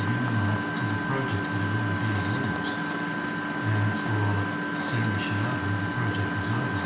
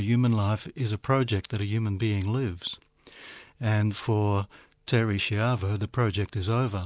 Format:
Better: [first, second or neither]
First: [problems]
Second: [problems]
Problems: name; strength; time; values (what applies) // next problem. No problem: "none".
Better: second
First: background sound (Engine); 1 dB above the speech // room echo; dies away in 1.1 s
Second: none